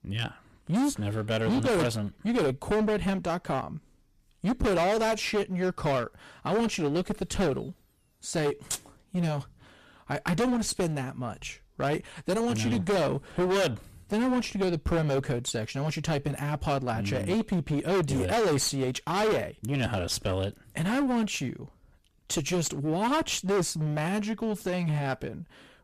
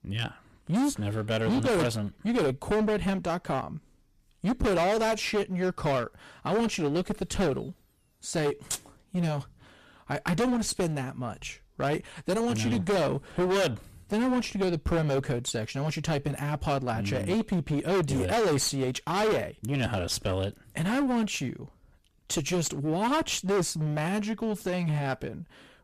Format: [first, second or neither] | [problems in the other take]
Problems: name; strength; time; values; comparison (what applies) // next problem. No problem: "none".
neither | distortion; heavy; 18% of the sound clipped; the same in both